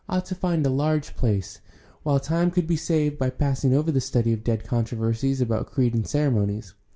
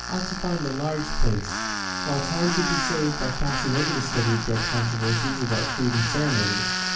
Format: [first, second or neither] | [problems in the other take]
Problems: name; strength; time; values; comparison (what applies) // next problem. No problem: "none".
first | background sound (Tools); 3 dB below the speech // room echo; dies away in 0.4 s